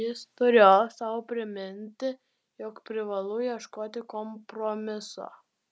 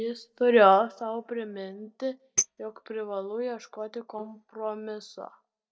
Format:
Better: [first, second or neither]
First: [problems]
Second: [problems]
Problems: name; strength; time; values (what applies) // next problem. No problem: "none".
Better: first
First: none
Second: noise reduction (neural mask model DeepFilterNet 3)